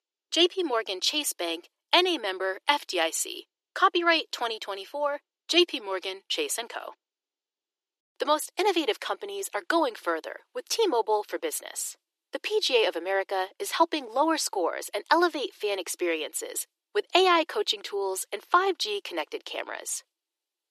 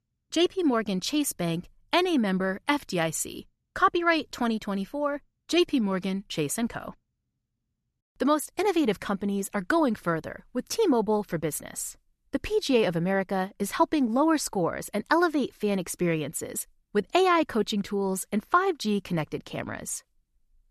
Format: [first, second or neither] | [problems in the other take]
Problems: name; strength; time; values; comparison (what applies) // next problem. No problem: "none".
second | thin; very; fading below 350 Hz